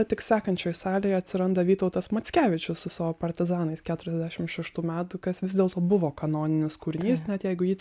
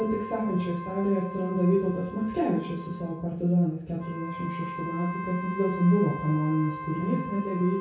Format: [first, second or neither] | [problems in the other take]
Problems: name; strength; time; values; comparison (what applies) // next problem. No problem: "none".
first | background sound (Wind instrument, woodwind instrument); 12 dB below the speech // room echo; dies away in 0.6 s